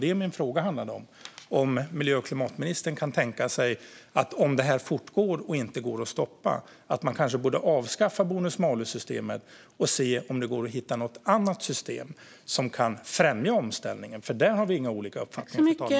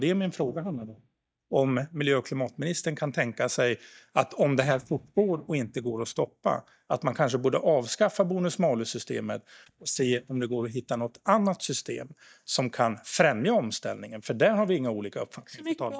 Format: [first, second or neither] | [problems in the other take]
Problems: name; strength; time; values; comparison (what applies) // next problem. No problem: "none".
first | noise reduction (neural mask model DeepFilterNet 3)